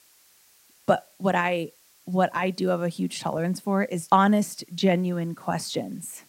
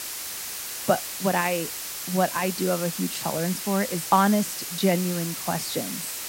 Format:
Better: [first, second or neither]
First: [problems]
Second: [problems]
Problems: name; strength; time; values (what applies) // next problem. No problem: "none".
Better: first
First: hiss; faint; throughout; 30 dB below the speech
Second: hiss; loud; throughout; 5 dB below the speech